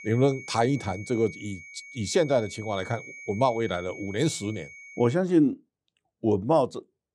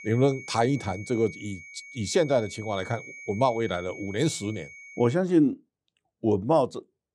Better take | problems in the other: neither | high-pitched whine; noticeable; until 5 s; 2 kHz, 15 dB below the speech; the same in both

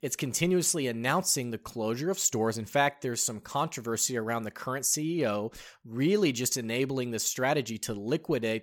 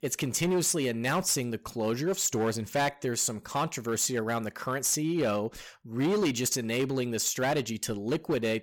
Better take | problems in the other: first | distortion; slight; 9% of the sound clipped

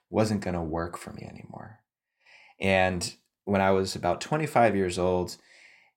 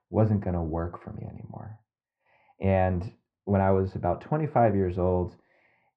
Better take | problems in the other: first | muffled; very; fading above 1 kHz

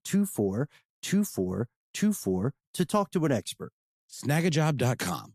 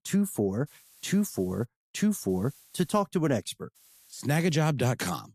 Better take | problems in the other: first | hiss; faint; at 0.5 s, at 2.5 s and at 4 s; 25 dB below the speech

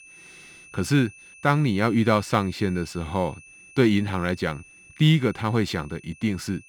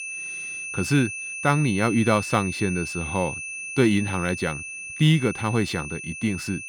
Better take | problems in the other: first | high-pitched whine; loud; throughout; 2.5 kHz, 7 dB below the speech; faint in the first

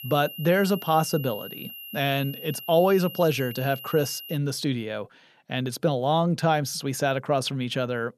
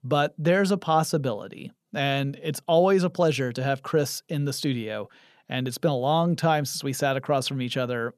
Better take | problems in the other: second | high-pitched whine; noticeable; until 4.5 s; 3 kHz, 15 dB below the speech

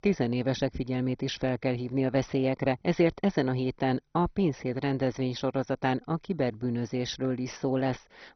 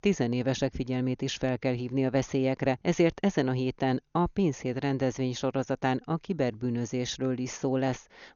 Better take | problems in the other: second | garbled, watery; badly; nothing above 6 kHz; slightly in the second

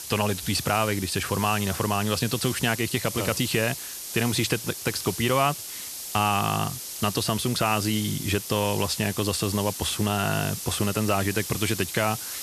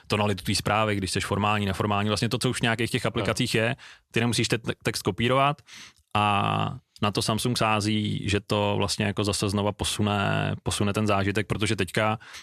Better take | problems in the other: second | hiss; loud; throughout; 7 dB below the speech

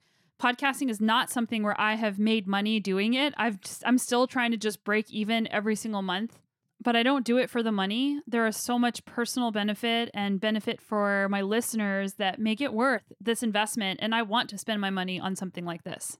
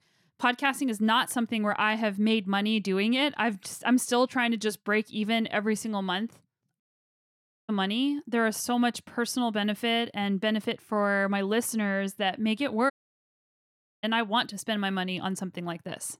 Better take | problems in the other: first | audio cutting out; at 7 s for 1 s and at 13 s for 1 s

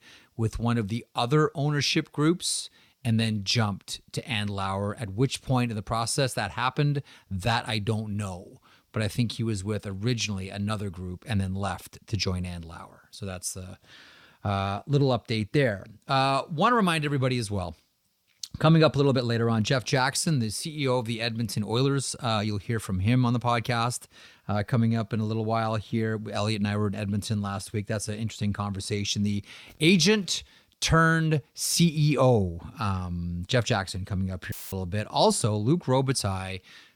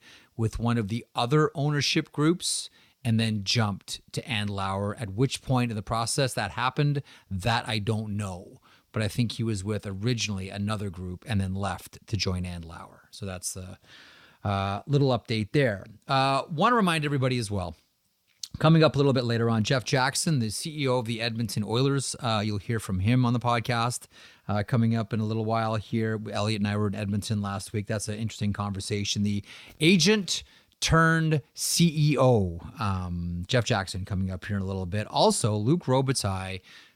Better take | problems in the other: second | audio cutting out; filled with static; at 35 s

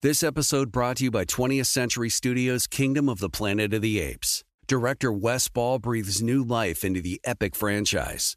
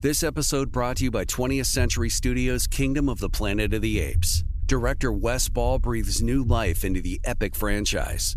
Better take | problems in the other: first | low rumble; faint; throughout; 25 dB below the speech

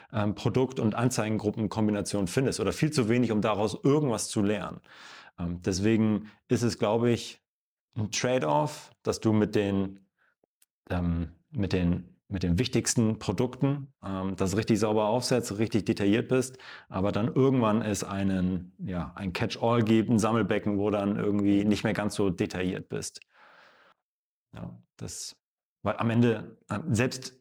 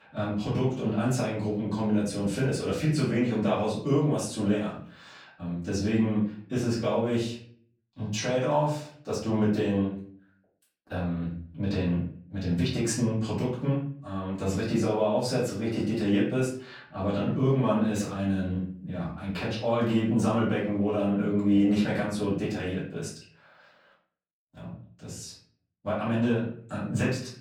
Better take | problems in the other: first | off-mic speech; far // room echo; noticeable; dies away in 0.4 s

